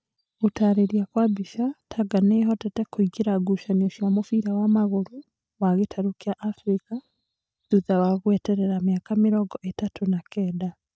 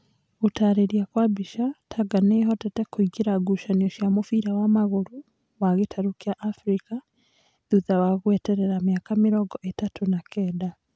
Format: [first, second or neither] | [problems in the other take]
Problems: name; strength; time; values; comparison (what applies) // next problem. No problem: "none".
second | noise reduction (neural mask model DeepFilterNet 3)